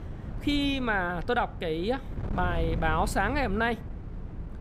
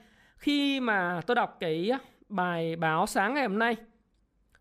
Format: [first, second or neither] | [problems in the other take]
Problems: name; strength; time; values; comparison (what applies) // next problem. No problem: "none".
second | wind noise on the microphone; occasional gusts; 20 dB below the speech